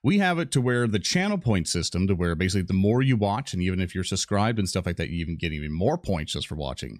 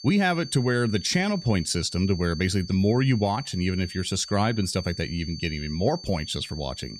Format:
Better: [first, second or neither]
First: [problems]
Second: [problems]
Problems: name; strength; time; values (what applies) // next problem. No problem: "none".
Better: first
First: none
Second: high-pitched whine; noticeable; throughout; 4.5 kHz, 15 dB below the speech